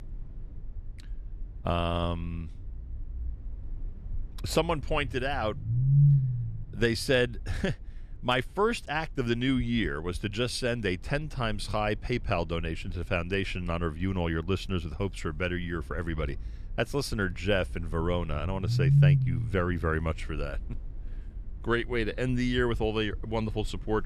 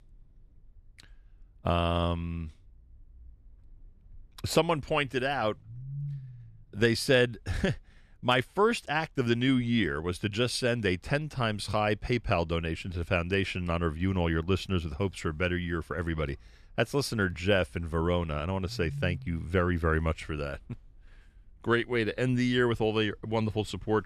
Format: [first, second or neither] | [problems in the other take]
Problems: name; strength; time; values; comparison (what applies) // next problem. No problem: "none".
second | low rumble; loud; throughout; 7 dB below the speech; faint in the second